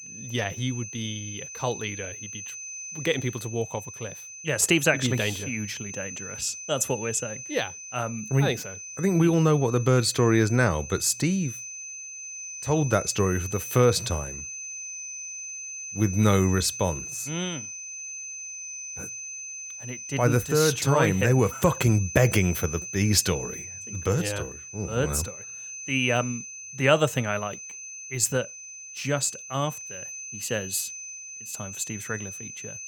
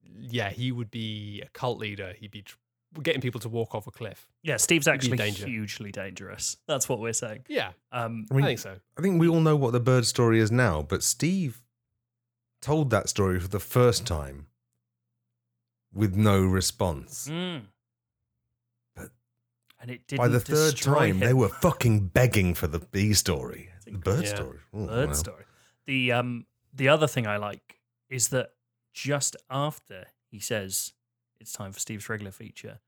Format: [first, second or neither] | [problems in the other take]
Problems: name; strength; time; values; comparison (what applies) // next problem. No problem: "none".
second | high-pitched whine; noticeable; throughout; 6 kHz, 10 dB below the speech